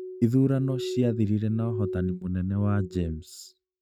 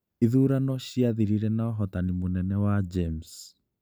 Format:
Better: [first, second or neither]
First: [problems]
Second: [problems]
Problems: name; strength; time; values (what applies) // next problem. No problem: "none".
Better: second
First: noise reduction (neural mask model RNNoise)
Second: none